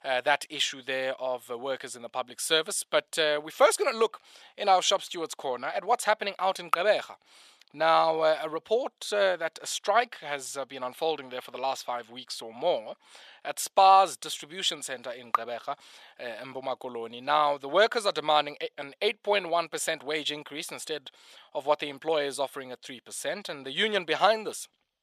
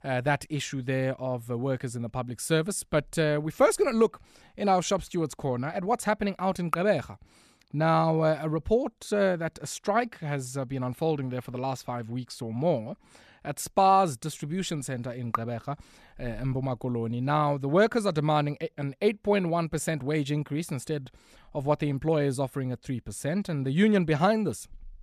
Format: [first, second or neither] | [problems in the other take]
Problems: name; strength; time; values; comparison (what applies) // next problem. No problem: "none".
second | thin; very; fading below 650 Hz